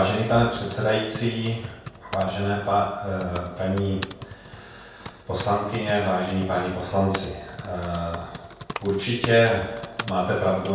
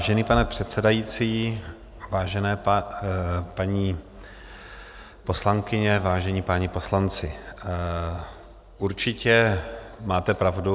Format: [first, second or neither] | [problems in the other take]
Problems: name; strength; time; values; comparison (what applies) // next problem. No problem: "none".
second | background sound (Typing); 15 dB below the speech // room echo; dies away in 0.6 s